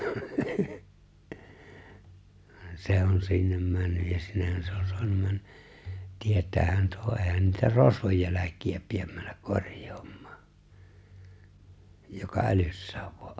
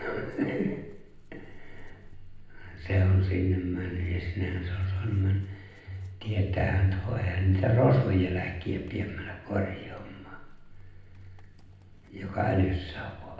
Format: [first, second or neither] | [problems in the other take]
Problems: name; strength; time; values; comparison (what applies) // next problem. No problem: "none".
first | background sound (Chewing, mastication / Livestock, farm animals, working animals); 19 dB below the speech // room echo; dies away in 0.8 s